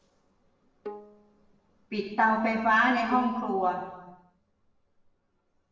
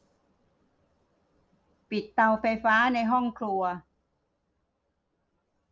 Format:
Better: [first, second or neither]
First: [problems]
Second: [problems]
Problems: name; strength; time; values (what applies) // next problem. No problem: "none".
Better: second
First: background sound (Bowed string instrument); 18 dB below the speech // room echo; dies away in 1 s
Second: none